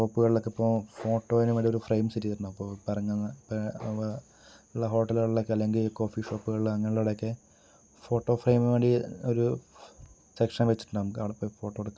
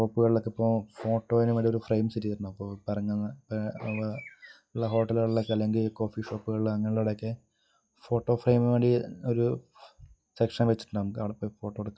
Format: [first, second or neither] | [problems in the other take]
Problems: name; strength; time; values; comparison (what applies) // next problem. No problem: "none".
first | noise reduction (classical method log-MMSE)